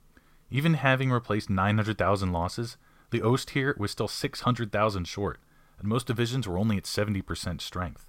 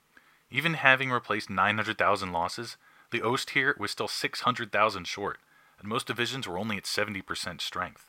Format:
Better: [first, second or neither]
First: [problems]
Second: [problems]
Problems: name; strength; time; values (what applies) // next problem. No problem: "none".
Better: first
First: none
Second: thin; somewhat; fading below 450 Hz